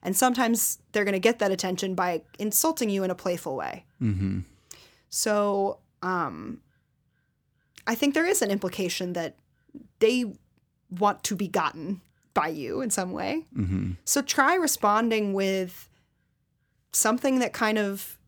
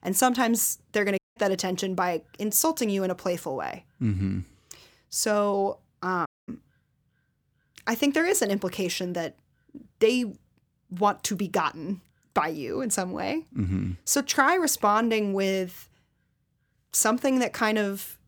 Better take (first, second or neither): first